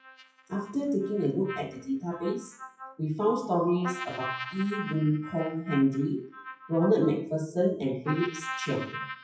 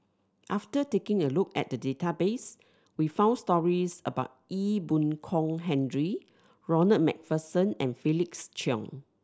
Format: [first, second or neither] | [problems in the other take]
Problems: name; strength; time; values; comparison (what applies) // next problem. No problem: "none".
second | noise reduction (classical method WPE with log-MMSE)